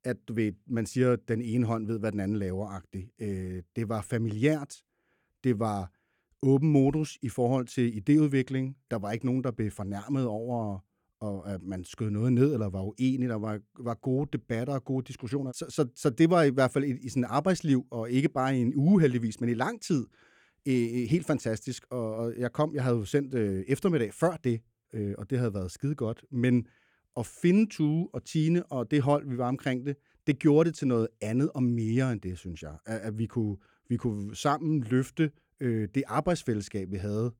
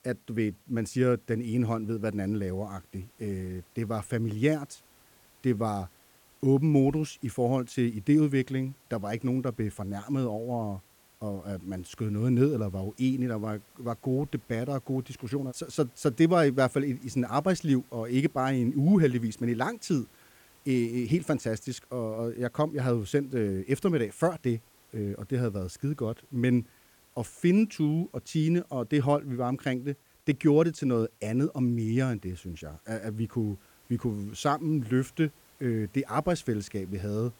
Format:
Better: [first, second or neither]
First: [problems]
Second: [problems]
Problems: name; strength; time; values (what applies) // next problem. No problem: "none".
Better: first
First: none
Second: hiss; faint; throughout; 30 dB below the speech